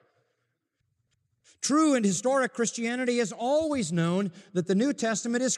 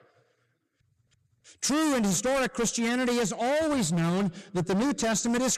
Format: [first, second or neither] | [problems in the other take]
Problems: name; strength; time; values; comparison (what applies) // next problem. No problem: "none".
first | distortion; heavy; 29% of the sound clipped